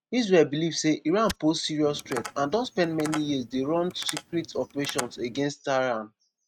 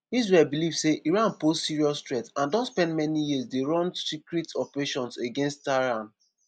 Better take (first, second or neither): second